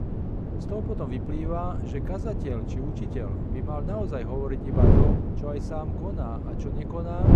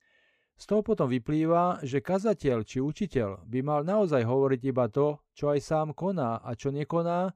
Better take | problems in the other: second | wind noise on the microphone; heavy; as loud as the speech

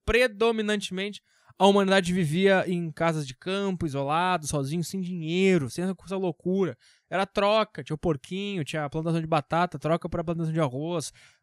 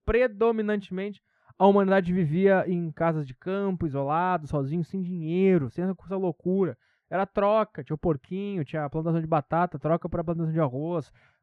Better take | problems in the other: first | muffled; very; fading above 3 kHz

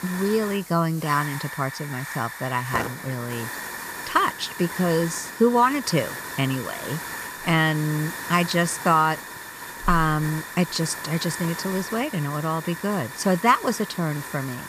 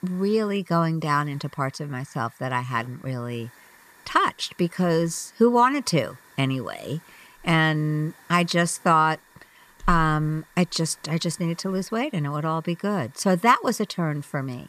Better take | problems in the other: second | hiss; loud; throughout; 9 dB below the speech; faint in the second

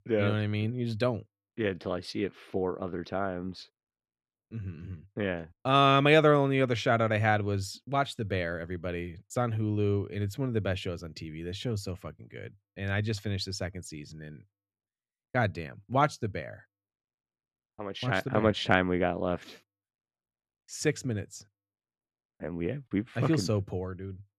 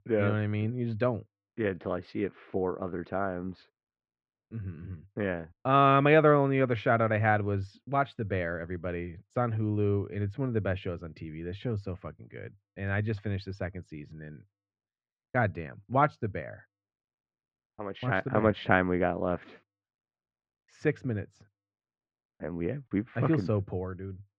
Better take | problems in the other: first | muffled; very; fading above 2 kHz

